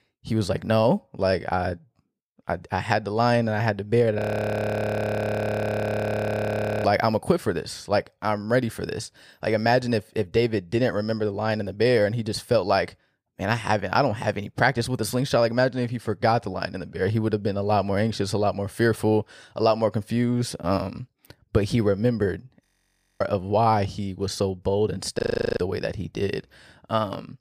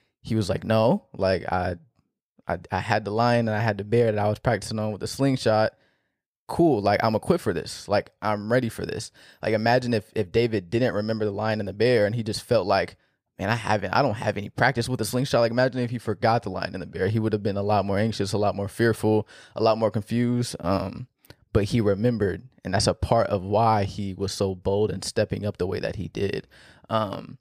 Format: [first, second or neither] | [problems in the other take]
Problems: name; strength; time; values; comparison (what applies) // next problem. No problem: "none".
second | audio freezing; at 4 s for 2.5 s, at 23 s for 0.5 s and at 25 s